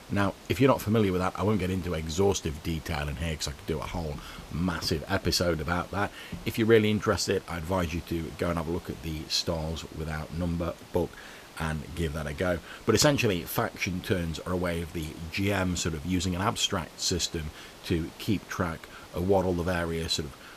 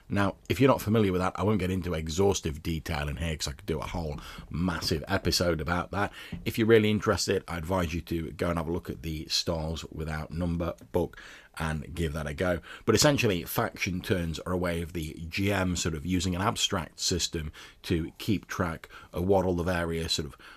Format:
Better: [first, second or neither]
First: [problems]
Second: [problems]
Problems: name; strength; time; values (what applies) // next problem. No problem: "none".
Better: second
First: hiss; noticeable; throughout; 20 dB below the speech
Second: none